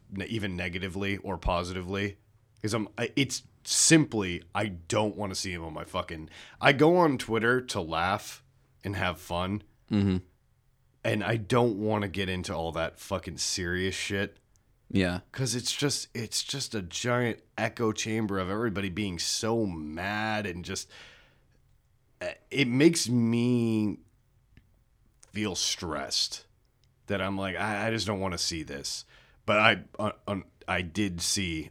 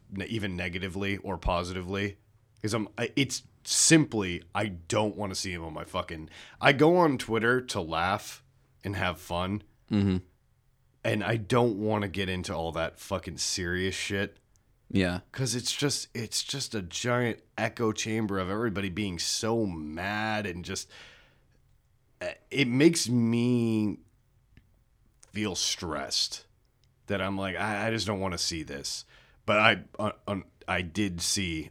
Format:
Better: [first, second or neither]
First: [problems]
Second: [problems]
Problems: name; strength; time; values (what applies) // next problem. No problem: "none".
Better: neither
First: none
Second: none